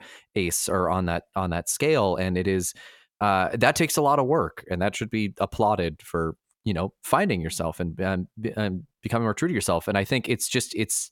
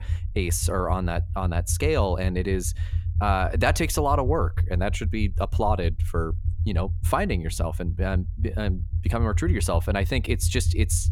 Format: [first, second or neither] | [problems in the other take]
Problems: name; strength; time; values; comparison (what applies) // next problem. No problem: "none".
first | low rumble; noticeable; throughout; 15 dB below the speech